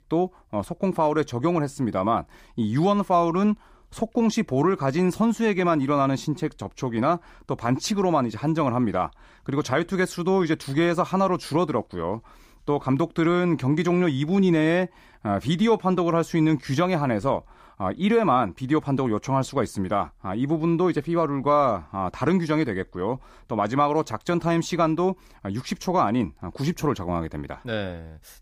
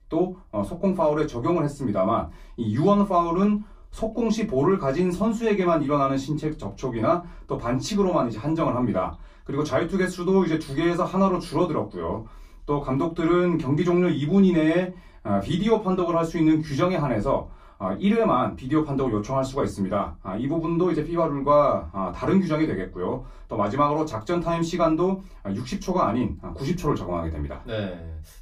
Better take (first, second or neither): first